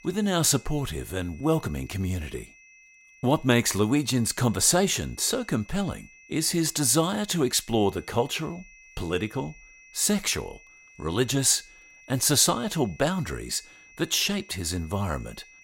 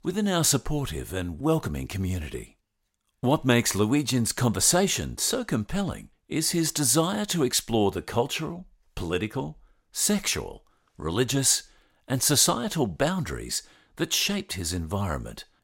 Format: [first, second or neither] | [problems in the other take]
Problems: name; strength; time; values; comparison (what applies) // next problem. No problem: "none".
second | high-pitched whine; faint; throughout; 2.5 kHz, 25 dB below the speech